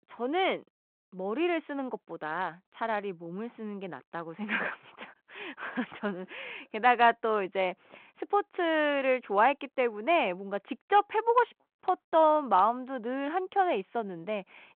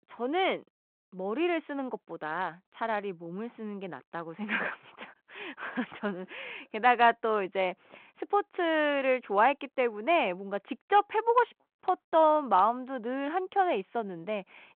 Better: neither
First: phone-call audio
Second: phone-call audio

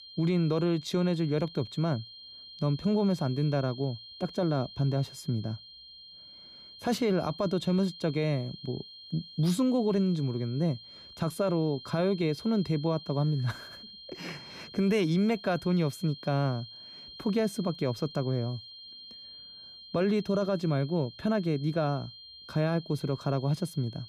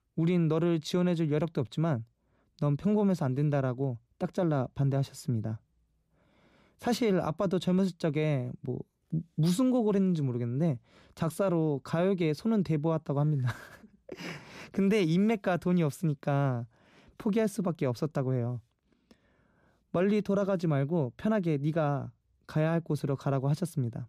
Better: second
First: high-pitched whine; noticeable; throughout; 4 kHz, 15 dB below the speech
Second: none

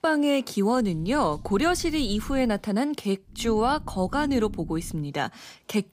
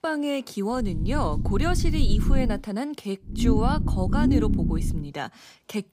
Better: first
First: low rumble; faint; from 1 to 2.5 s and from 3.5 to 5 s; 20 dB below the speech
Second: low rumble; loud; from 1 to 2.5 s and from 3.5 to 5 s; 3 dB below the speech

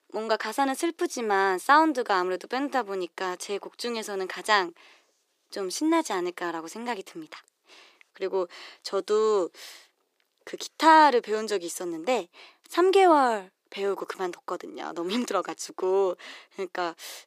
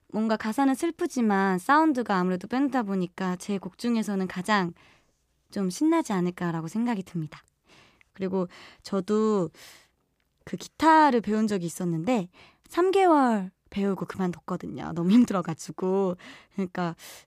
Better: second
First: thin; somewhat; fading below 350 Hz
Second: none

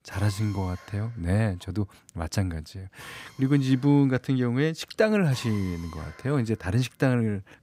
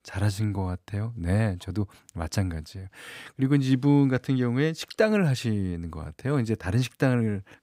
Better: second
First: machinery noise; faint; throughout; 20 dB below the speech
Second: none

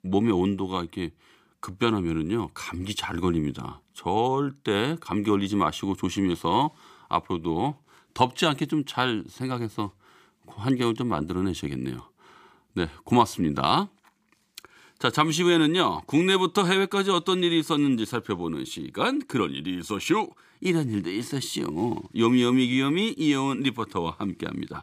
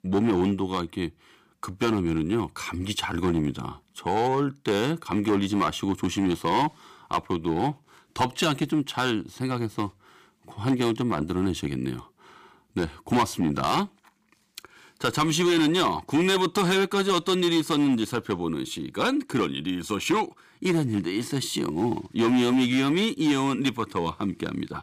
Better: first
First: none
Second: distortion; slight; 6% of the sound clipped

